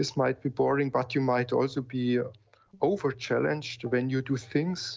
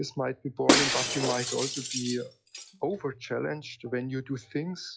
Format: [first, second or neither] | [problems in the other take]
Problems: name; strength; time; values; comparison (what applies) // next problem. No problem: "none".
first | noise reduction (classical method log-MMSE)